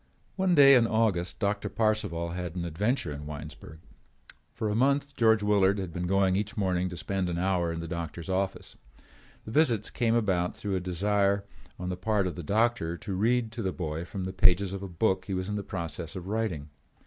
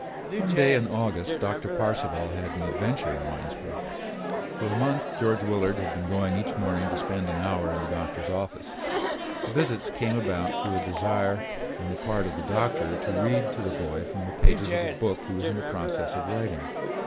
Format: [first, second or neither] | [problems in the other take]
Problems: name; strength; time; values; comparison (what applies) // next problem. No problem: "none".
first | background sound (Chatter); 3 dB below the speech